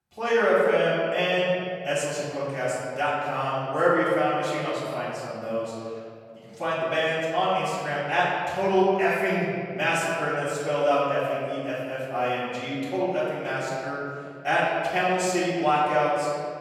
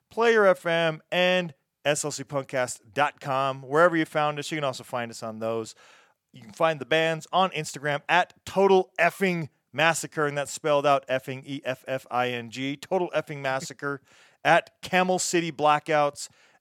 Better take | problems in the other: second | off-mic speech; far // room echo; strong; dies away in 2 s

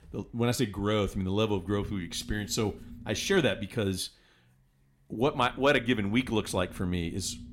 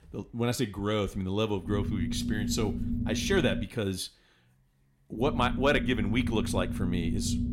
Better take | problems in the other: first | low rumble; loud; from 1.5 to 3.5 s and from 5 s on; 9 dB below the speech; faint in the first

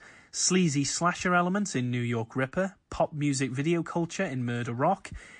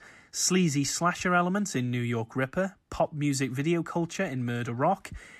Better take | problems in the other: second | garbled, watery; slightly; nothing above 8.5 kHz

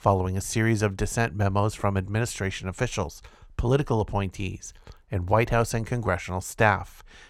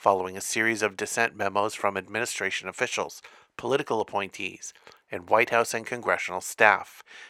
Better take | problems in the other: first | thin; very; fading below 400 Hz

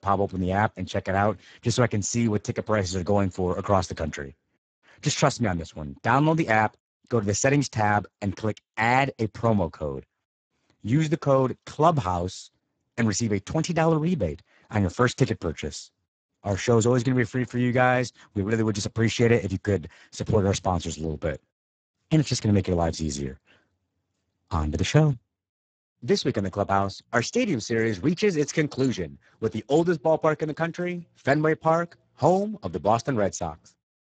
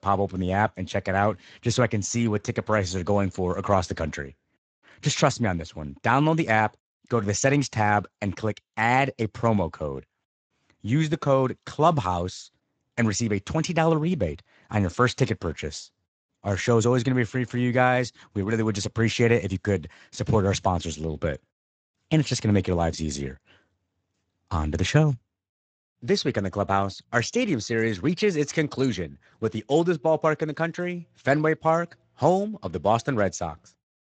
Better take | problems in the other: second | garbled, watery; badly; nothing above 7.5 kHz; slightly in the second

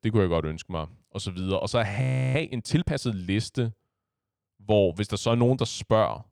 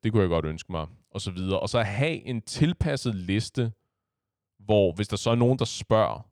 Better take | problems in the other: second | audio freezing; at 2 s

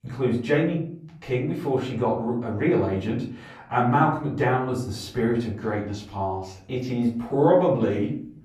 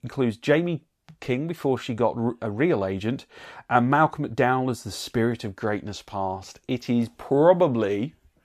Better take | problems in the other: second | off-mic speech; far // room echo; slight; dies away in 0.6 s

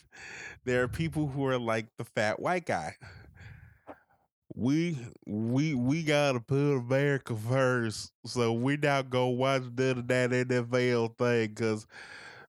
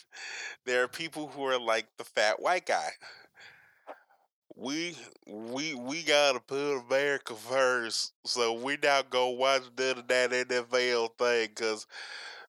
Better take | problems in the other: first | thin; very; fading below 550 Hz

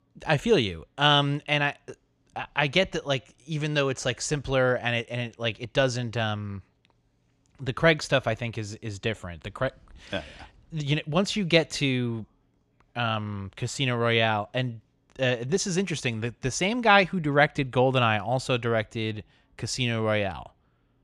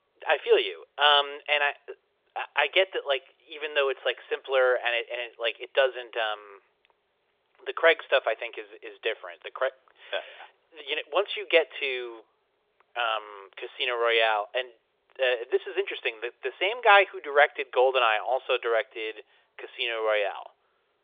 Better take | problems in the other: first | phone-call audio; nothing above 3.5 kHz

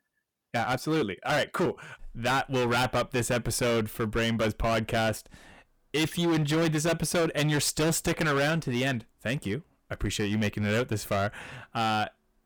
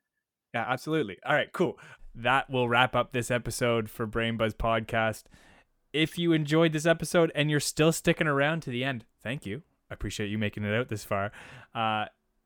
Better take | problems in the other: second | distortion; heavy; 16% of the sound clipped

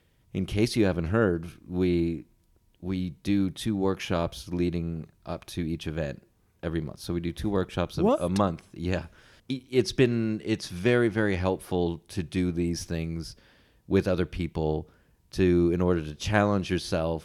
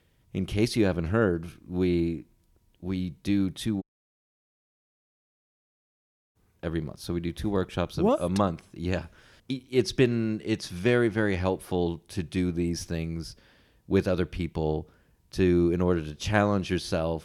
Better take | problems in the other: first | audio cutting out; at 4 s for 2.5 s

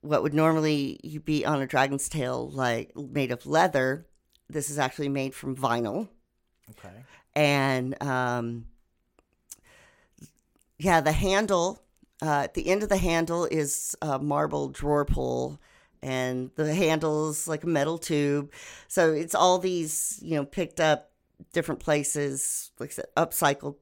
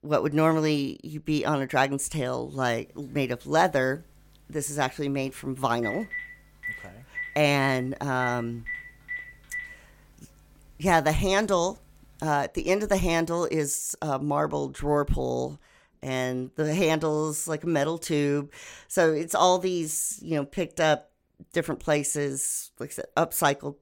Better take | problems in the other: first | phone ringing; noticeable; from 6 to 12 s; peak 7 dB below the speech

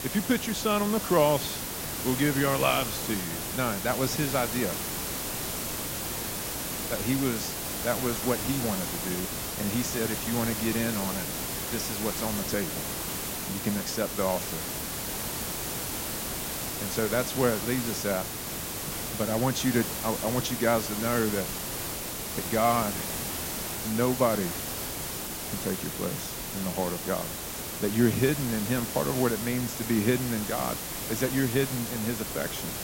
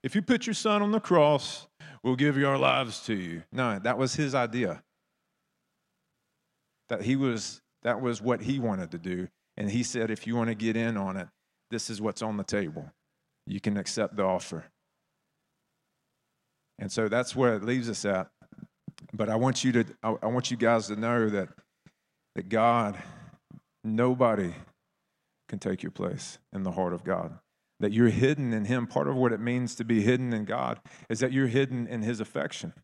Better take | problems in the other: second | hiss; loud; throughout; 2 dB below the speech

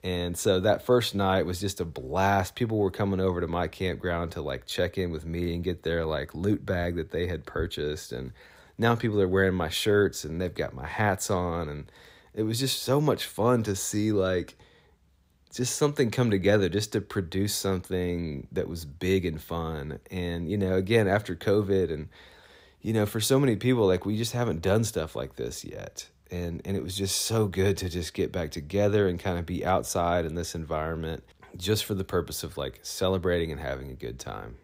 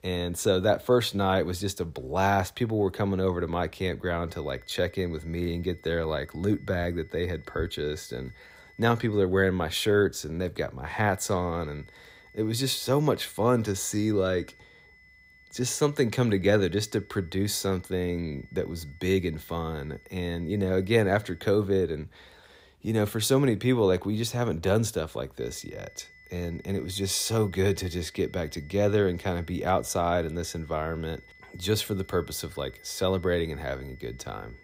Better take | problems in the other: first | high-pitched whine; faint; from 4.5 to 9 s, from 11 to 21 s and from 25 s on; 2 kHz, 25 dB below the speech

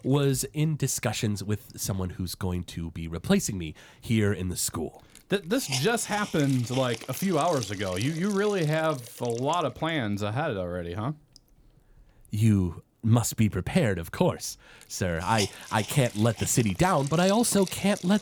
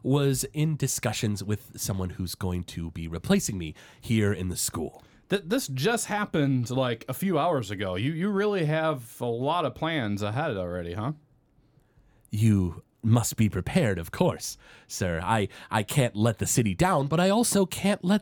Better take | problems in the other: second | hiss; noticeable; throughout; 10 dB below the speech

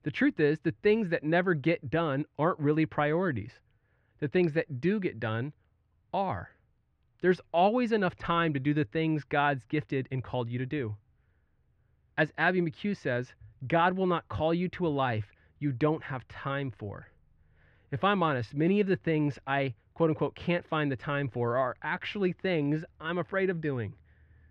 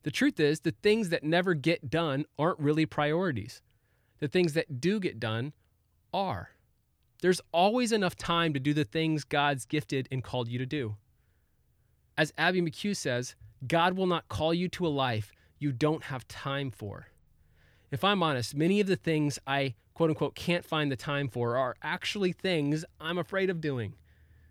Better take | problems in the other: second | muffled; very; fading above 2 kHz

